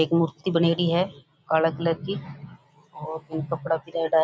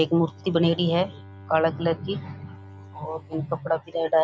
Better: first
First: none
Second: background sound (Bowed string instrument); 19 dB below the speech

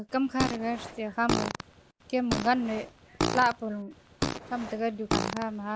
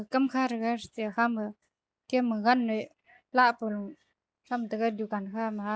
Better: second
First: background sound (Fart); 3 dB below the speech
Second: none

